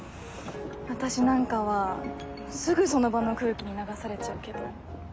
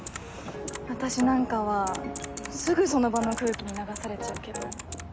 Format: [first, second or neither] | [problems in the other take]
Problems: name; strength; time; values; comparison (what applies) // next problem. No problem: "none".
first | background sound (Typing); 14 dB below the speech